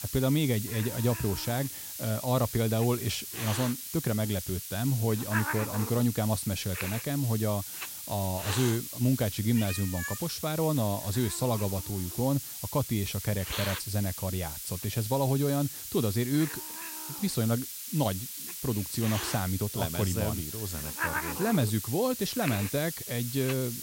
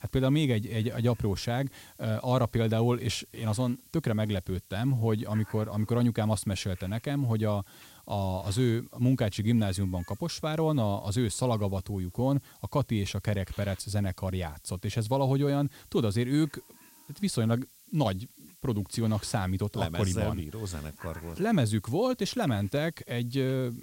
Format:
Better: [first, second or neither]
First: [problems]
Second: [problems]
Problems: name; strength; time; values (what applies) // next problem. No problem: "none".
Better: second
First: hiss; loud; throughout; 5 dB below the speech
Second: hiss; faint; throughout; 25 dB below the speech